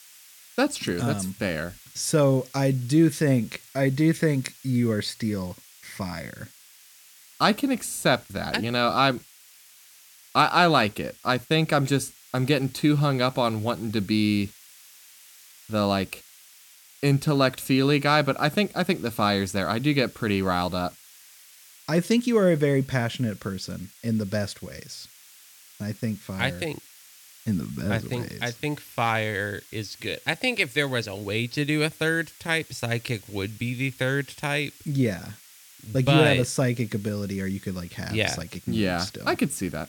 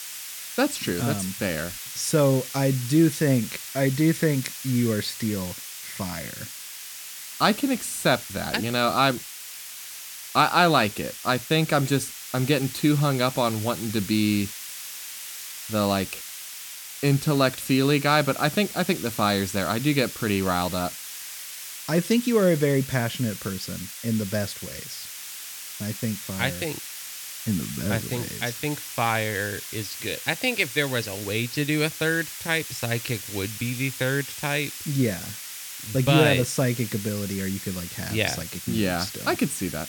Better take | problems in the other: first | hiss; loud; throughout; 10 dB below the speech; faint in the first

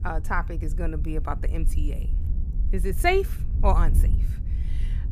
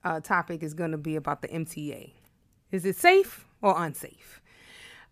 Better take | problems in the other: second | wind noise on the microphone; occasional gusts; 20 dB below the speech

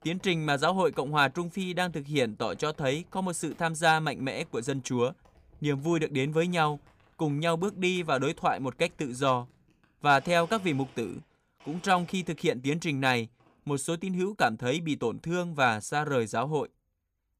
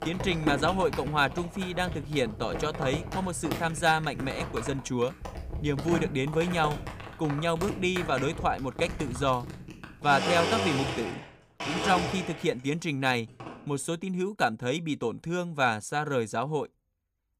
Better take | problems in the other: first | household noises; loud; until 14 s; 6 dB below the speech; faint in the first

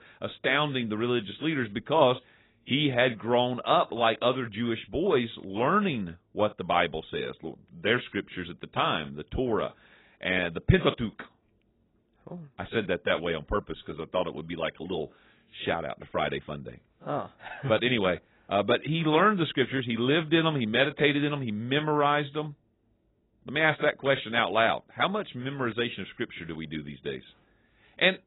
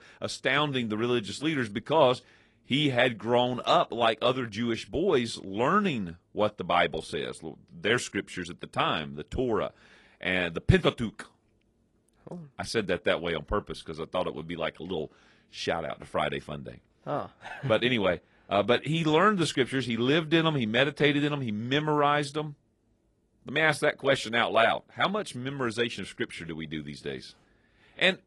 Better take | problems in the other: second | garbled, watery; badly; nothing above 4 kHz; slightly in the second

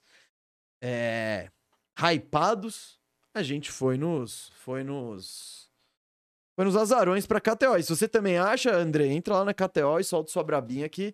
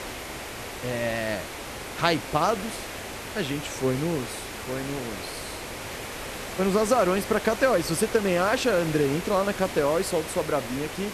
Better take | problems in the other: first | hiss; loud; throughout; 9 dB below the speech

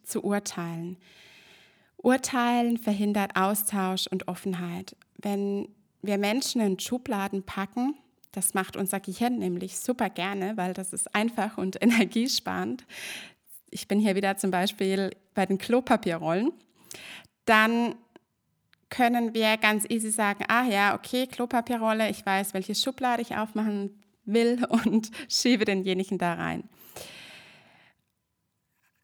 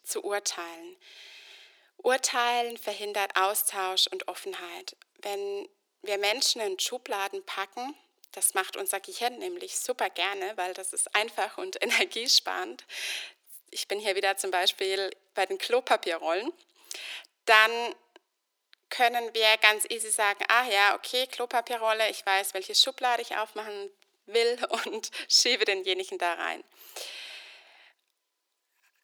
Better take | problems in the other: first | thin; very; fading below 350 Hz

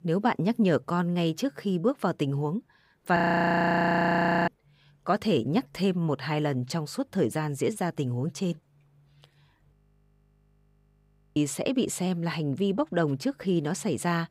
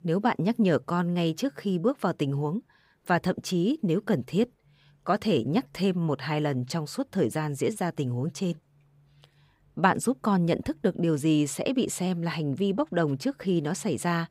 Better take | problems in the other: second | audio freezing; at 3 s for 1.5 s and at 9.5 s for 1.5 s

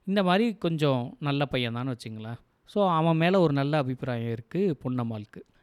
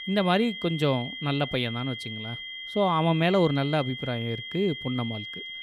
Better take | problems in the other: first | high-pitched whine; loud; throughout; 3 kHz, 9 dB below the speech

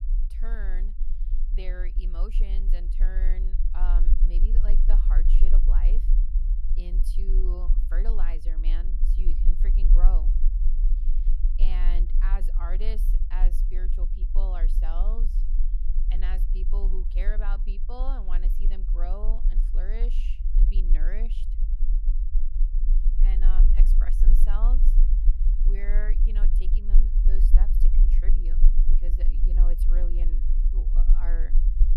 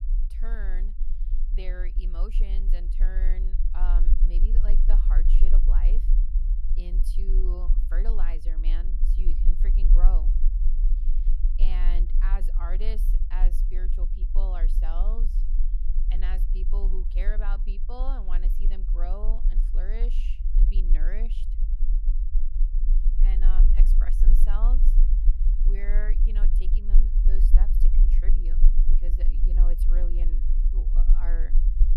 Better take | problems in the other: neither | low rumble; loud; throughout; 7 dB below the speech; the same in both

